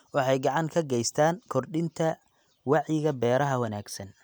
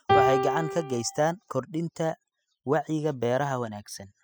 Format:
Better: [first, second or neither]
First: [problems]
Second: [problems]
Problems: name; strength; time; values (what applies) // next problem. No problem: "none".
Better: first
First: none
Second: noise reduction (classical method spectral subtraction)